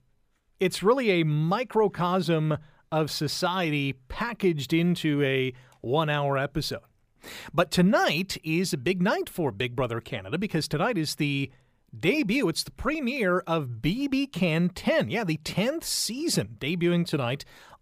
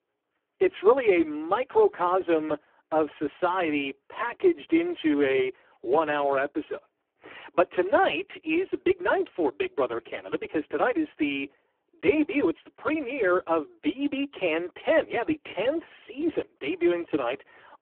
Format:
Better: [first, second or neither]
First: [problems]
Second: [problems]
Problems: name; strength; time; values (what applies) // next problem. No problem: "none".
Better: first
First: none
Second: phone-call audio; poor line